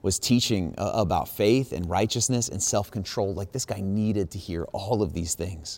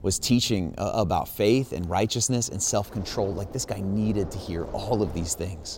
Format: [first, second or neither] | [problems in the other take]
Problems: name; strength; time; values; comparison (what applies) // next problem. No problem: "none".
first | wind noise on the microphone; occasional gusts; 15 dB below the speech